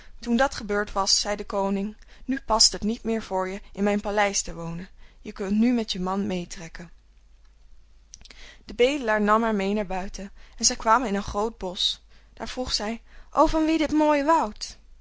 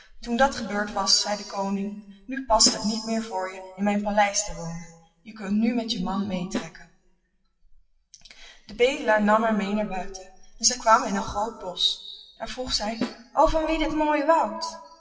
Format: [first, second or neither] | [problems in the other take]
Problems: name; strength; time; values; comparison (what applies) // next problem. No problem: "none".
first | noise reduction (classical method WPE with log-MMSE)